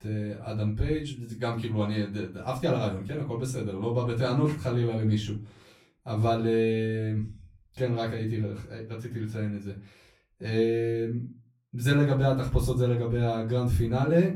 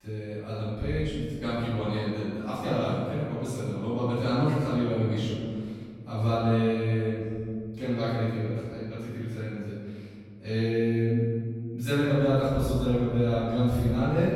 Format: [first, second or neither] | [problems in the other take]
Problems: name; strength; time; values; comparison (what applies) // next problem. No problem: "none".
first | room echo; strong; dies away in 2.3 s; slight in the first // off-mic speech; far; far in the first